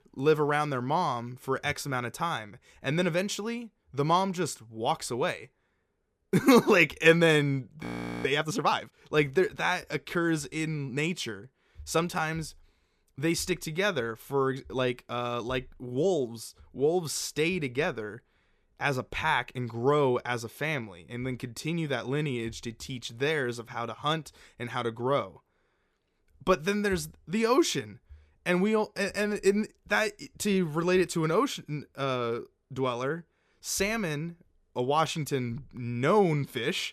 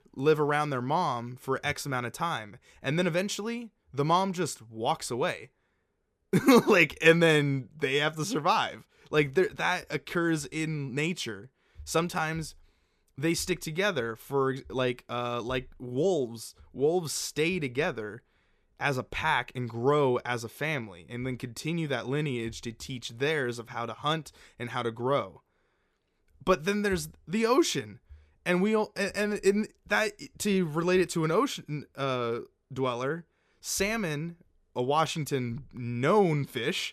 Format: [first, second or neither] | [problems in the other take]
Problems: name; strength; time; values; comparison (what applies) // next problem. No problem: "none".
second | audio freezing; at 8 s